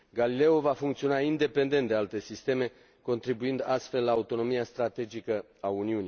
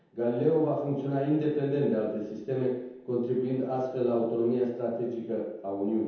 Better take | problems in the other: first | room echo; dies away in 0.9 s

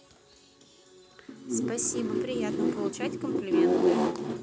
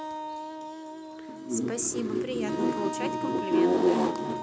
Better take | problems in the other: first | background sound (Wind instrument, woodwind instrument); 8 dB below the speech

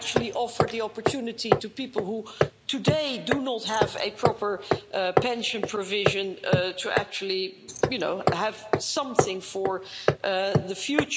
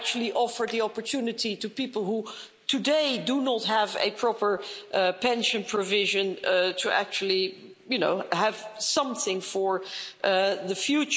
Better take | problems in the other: second | background sound (Hammer); 1 dB above the speech

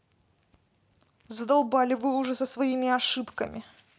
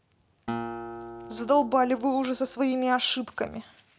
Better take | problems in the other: first | background sound (Acoustic guitar); 12 dB below the speech

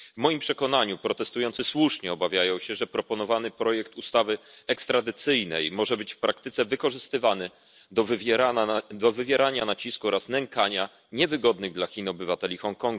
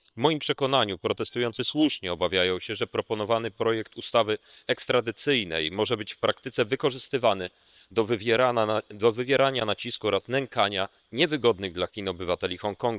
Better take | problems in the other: first | noise reduction (neural separator model SepFormer WHAM!)

